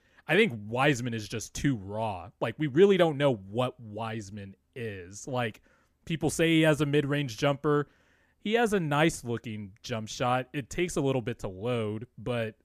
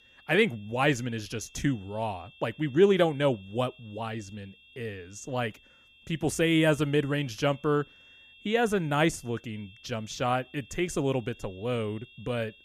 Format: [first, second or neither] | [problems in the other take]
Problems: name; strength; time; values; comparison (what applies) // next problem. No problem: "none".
first | high-pitched whine; faint; throughout; 2.5 kHz, 25 dB below the speech